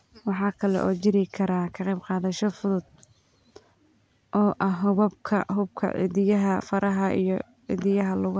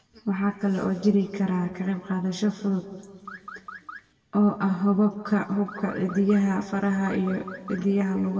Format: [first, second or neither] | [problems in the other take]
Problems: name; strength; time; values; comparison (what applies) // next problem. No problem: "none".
first | background sound (Car); 18 dB below the speech // room echo; dies away in 1.6 s